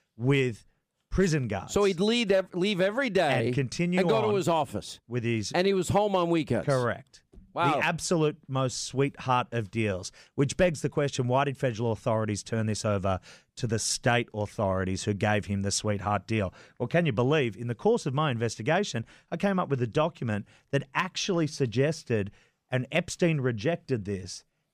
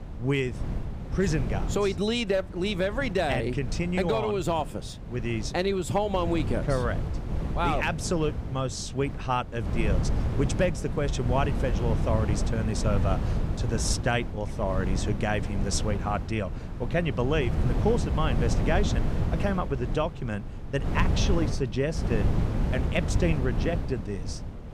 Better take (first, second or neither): first